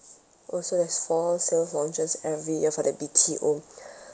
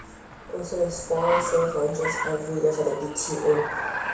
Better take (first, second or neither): first